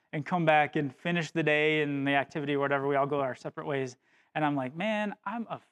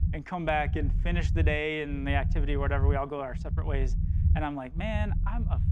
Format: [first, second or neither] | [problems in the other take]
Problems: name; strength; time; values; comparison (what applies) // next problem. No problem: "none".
first | low rumble; noticeable; throughout; 15 dB below the speech